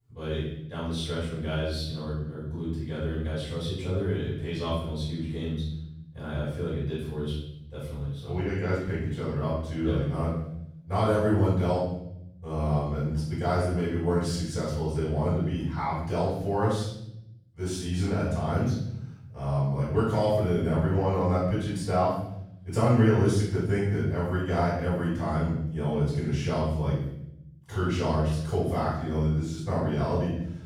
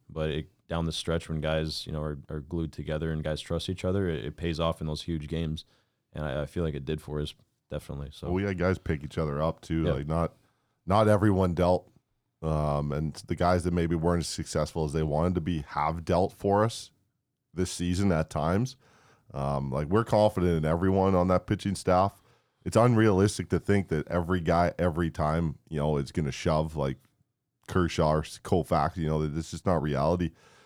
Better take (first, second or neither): second